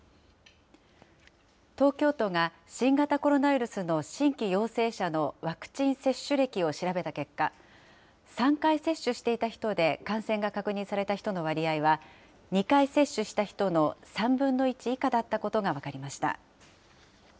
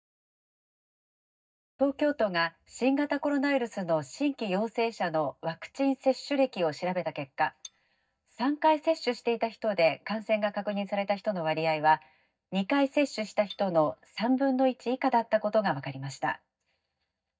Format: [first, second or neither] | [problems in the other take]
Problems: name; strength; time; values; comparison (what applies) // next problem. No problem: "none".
first | noise reduction (neural mask model DeepFilterNet 3)